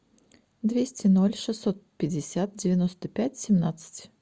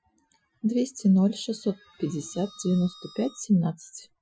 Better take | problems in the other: first | noise reduction (classical method Wiener filter)

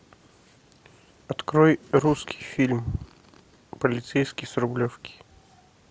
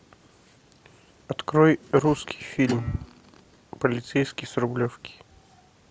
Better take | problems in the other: first | background sound (Guitar); 12 dB below the speech

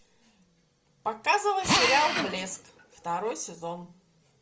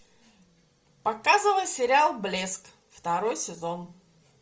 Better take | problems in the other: second | background sound (Drill); 1 dB above the speech

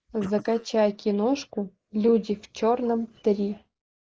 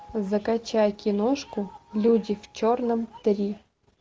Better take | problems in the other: second | noise reduction (neural mask model Resemble Enhance denoiser)

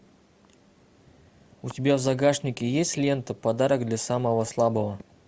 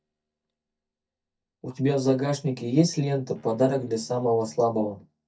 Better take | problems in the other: first | noise reduction (neural mask model DeepFilterNet 3)

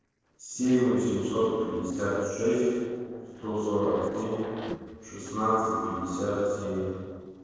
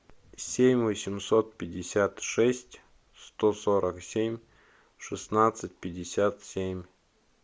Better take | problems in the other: second | noise reduction (neural separator model SepFormer DNS4)

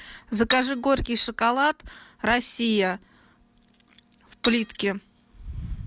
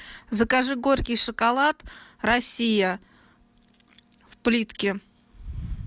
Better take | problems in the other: second | background sound (Cutlery, silverware / Dishes, pots, and pans); 7 dB below the speech

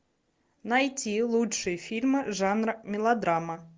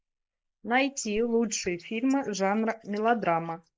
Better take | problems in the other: first | noise reduction (neural mask model Resemble Enhance denoiser)

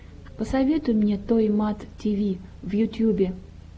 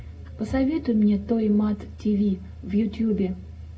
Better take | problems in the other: first | room echo; dies away in 0.2 s

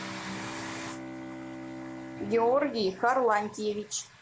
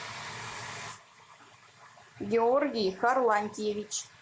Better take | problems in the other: second | background sound (Bowed string instrument); 12 dB below the speech

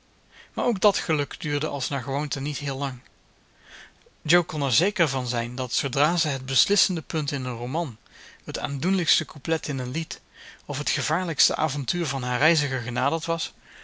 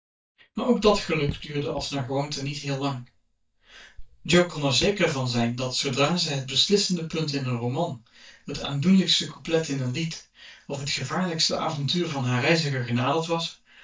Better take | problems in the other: first | noise reduction (neural mask model DeepFilterNet 3)

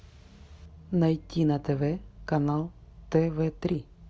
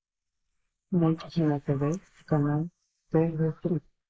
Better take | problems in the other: first | noise reduction (neural mask model Resemble Enhance denoiser)

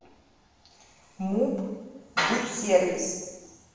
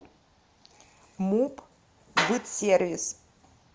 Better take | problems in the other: second | room echo; dies away in 1.1 s

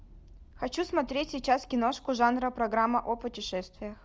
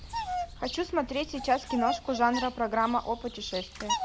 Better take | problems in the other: first | background sound (Bird vocalization, bird call, bird song); 6 dB below the speech

